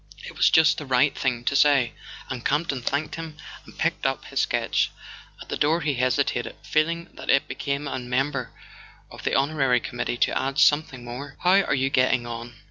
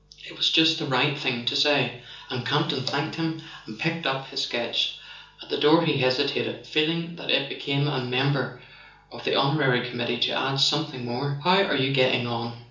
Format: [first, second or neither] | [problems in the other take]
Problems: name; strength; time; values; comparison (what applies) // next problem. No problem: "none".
first | room echo; dies away in 0.7 s